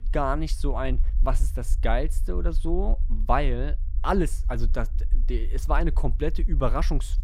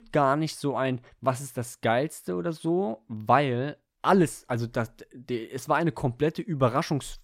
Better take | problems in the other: second | low rumble; faint; throughout; 20 dB below the speech

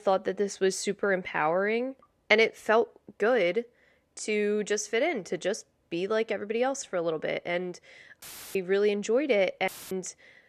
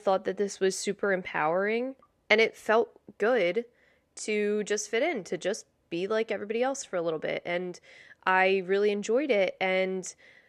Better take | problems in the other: second | audio cutting out; filled with static; at 8 s and at 9.5 s

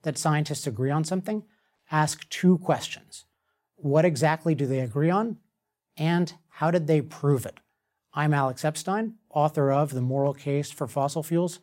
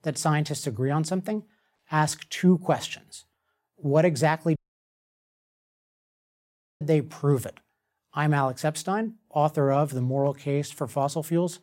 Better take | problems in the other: first | audio cutting out; at 4.5 s for 2.5 s

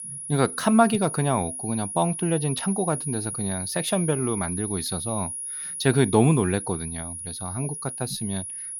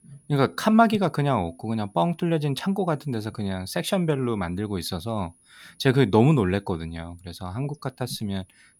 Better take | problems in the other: second | high-pitched whine; loud; throughout; 10.5 kHz, 6 dB below the speech; faint in the second

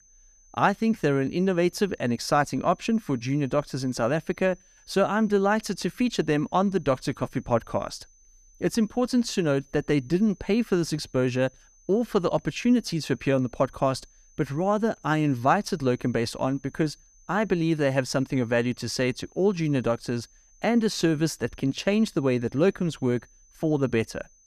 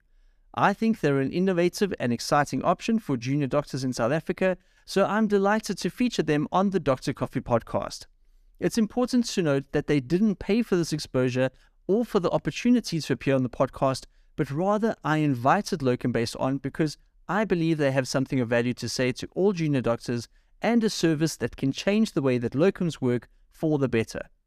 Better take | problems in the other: second | high-pitched whine; faint; throughout; 6 kHz, 30 dB below the speech

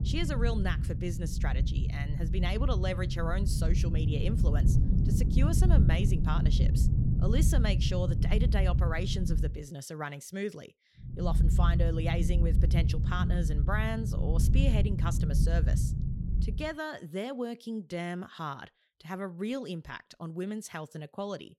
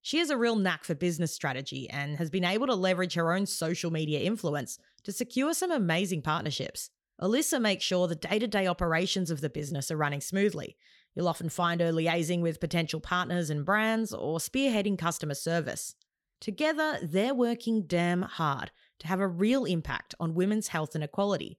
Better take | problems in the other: second | low rumble; loud; until 9.5 s and from 11 to 17 s; 5 dB below the speech

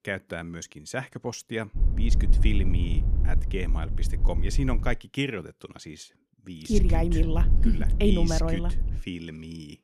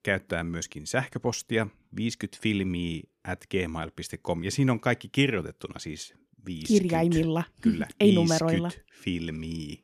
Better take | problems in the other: second | low rumble; noticeable; from 2 to 5 s and from 6.5 to 9 s; 10 dB below the speech

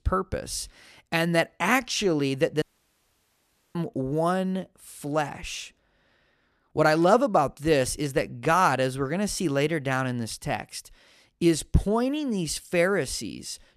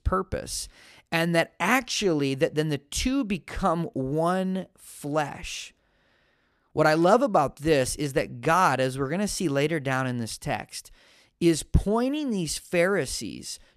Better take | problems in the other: second | audio cutting out; at 2.5 s for 1 s

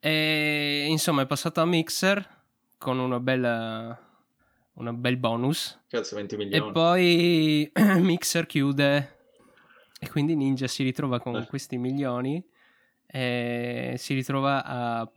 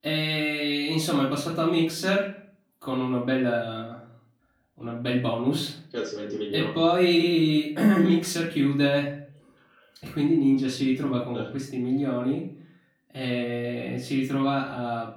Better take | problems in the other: first | off-mic speech; far // room echo; slight; dies away in 0.4 s

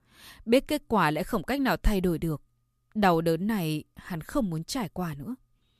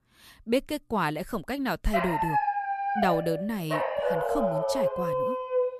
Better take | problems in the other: first | dog barking; loud; from 2 s on; peak 4 dB above the speech

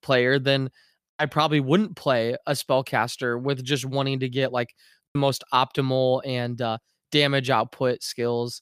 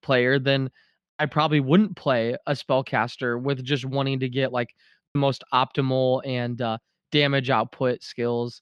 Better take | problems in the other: first | muffled; very slightly; fading above 3 kHz

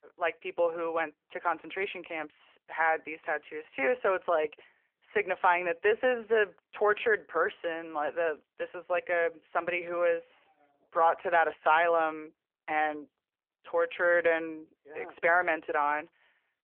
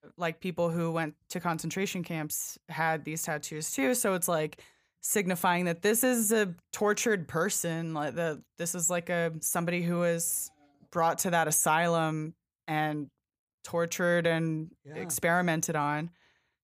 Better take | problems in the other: second | phone-call audio

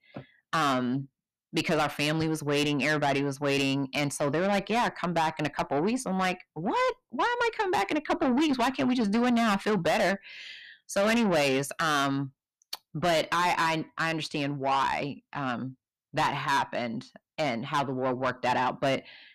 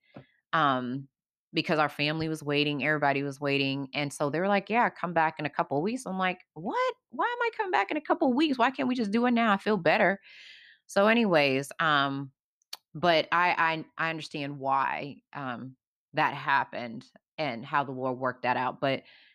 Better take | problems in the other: second | distortion; heavy; 7 dB below the speech

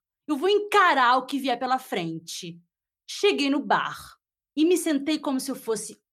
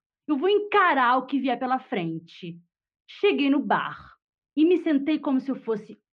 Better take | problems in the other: first | muffled; very; fading above 3 kHz

